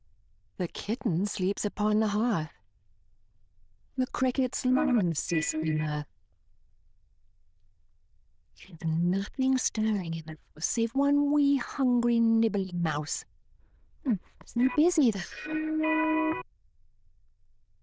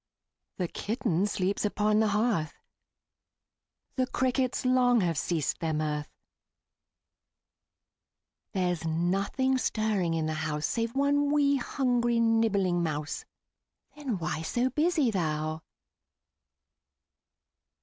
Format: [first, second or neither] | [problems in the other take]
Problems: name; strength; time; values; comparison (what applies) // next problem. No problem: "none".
second | noise reduction (neural diffusion model UNIVERSE++)